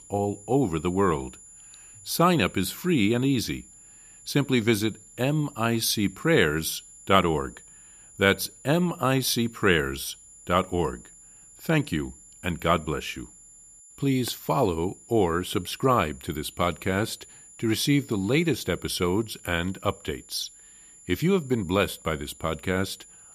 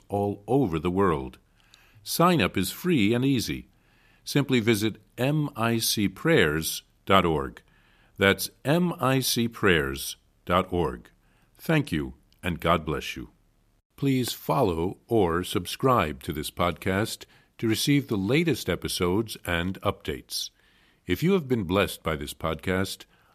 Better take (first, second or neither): second